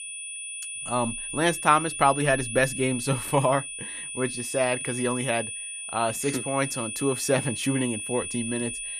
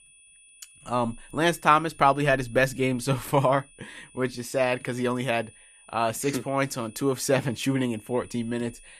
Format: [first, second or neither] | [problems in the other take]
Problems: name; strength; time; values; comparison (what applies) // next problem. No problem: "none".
second | high-pitched whine; loud; throughout; 9.5 kHz, 6 dB below the speech; faint in the second